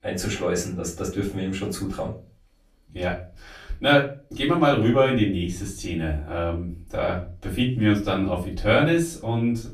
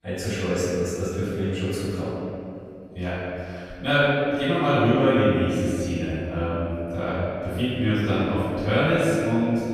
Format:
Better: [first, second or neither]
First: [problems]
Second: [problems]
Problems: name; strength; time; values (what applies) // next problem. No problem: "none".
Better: first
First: room echo; slight; dies away in 0.3 s // off-mic speech; far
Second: room echo; strong; dies away in 2.4 s // off-mic speech; far